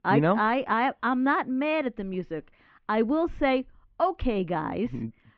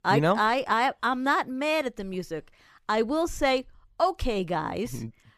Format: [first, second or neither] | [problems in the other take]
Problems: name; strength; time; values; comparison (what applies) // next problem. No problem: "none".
second | muffled; slightly; fading above 3 kHz